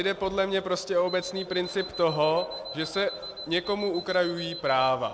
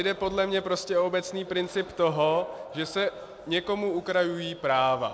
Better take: second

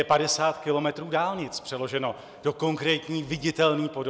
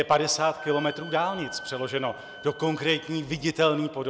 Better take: first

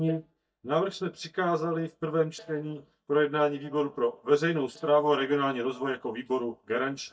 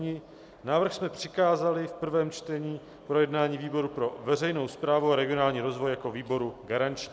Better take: second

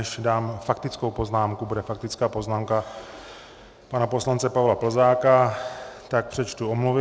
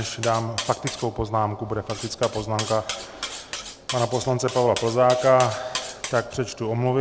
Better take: first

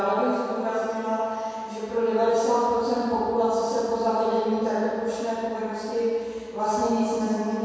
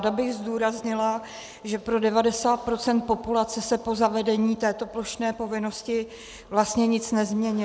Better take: second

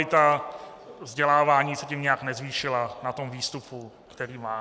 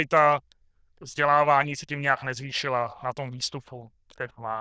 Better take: first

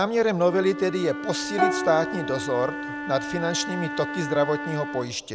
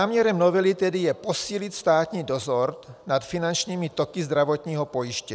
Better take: second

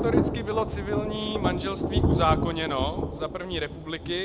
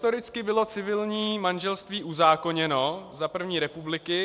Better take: second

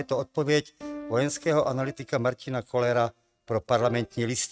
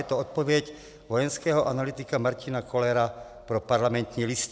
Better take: second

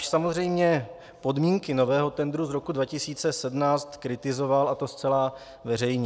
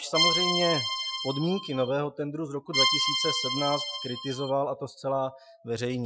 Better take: first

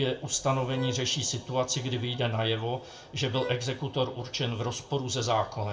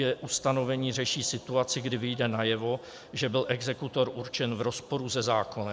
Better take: second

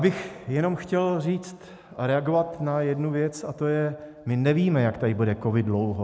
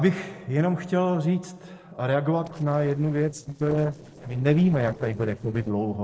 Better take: first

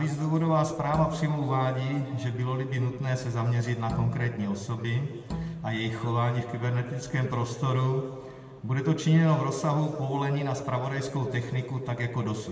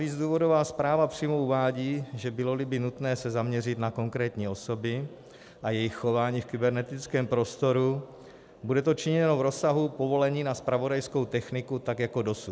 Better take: second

